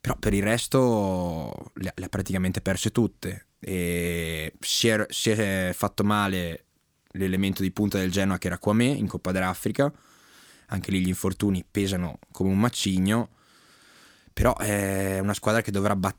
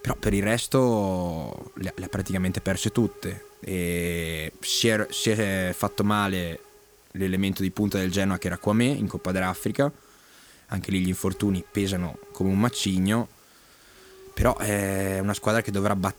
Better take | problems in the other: first | hiss; faint; throughout; 20 dB below the speech

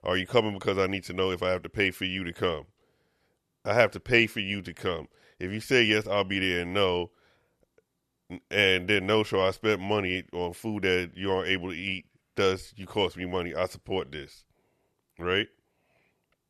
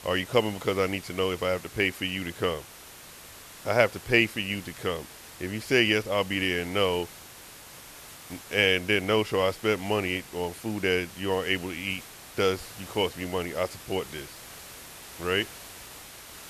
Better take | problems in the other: first | hiss; noticeable; throughout; 15 dB below the speech

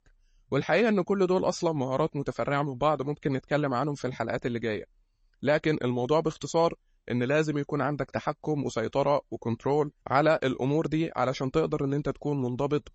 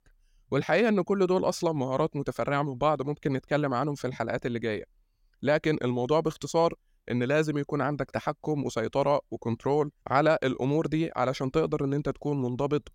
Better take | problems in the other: second | garbled, watery; slightly; nothing above 7.5 kHz

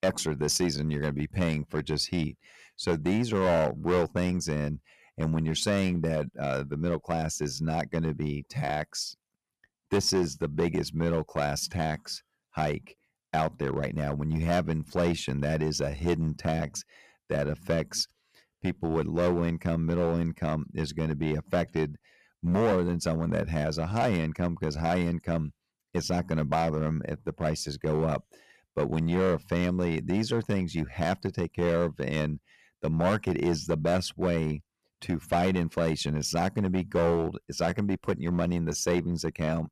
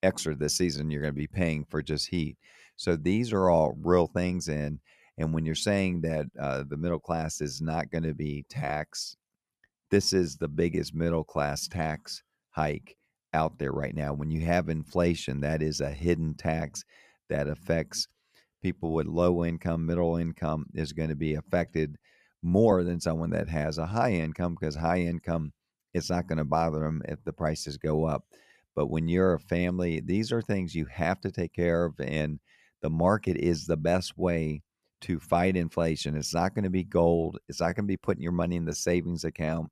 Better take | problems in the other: second | distortion; slight; 5% of the sound clipped

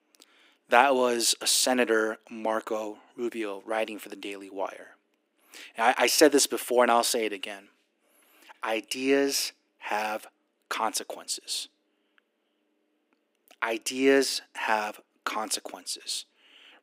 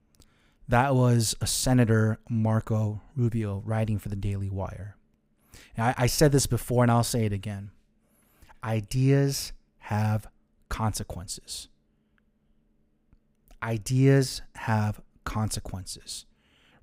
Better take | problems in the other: second | thin; somewhat; fading below 300 Hz

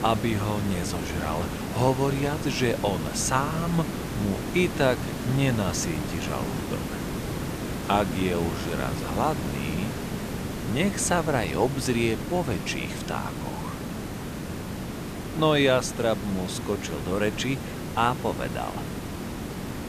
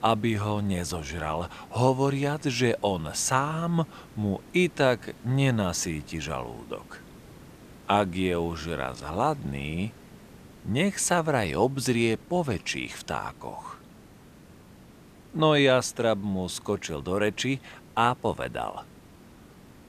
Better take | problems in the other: second | hiss; loud; throughout; 5 dB below the speech; faint in the second

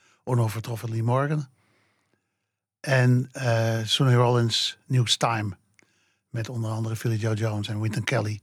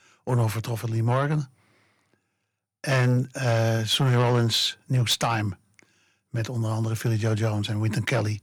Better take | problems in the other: first | distortion; slight; 10 dB below the speech

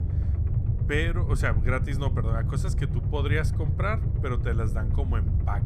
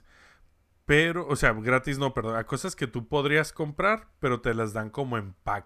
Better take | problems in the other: second | low rumble; loud; throughout; 8 dB below the speech

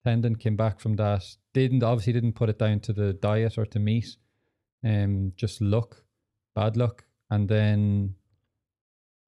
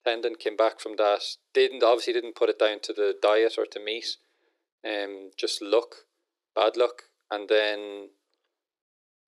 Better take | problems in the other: first | thin; very; fading below 350 Hz

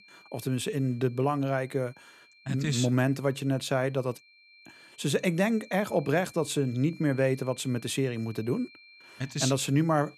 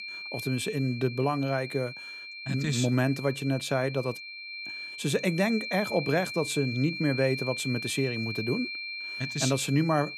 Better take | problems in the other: first | high-pitched whine; loud; throughout; 2.5 kHz, 7 dB below the speech; faint in the first

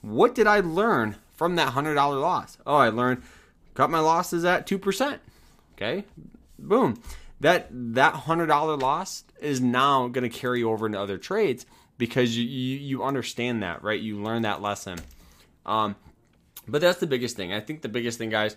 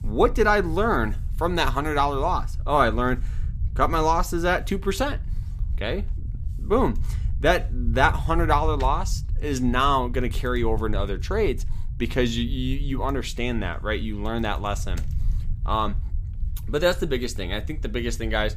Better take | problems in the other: first | low rumble; faint; throughout; 25 dB below the speech

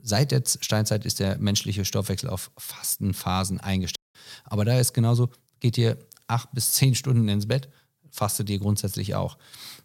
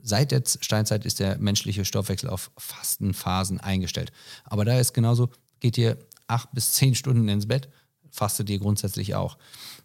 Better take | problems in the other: second | audio cutting out; at 4 s

